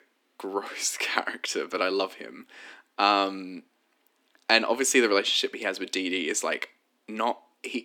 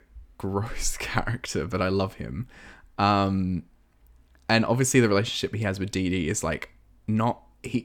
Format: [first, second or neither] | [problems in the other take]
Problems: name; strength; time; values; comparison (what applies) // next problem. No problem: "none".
second | thin; somewhat; fading below 250 Hz